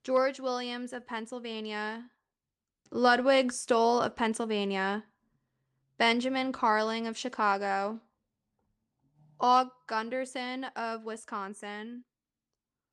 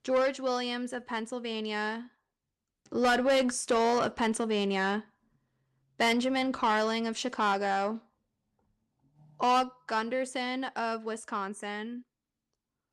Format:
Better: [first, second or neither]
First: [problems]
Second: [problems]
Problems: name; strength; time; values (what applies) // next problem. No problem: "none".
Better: first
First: none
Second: distortion; slight; 10 dB below the speech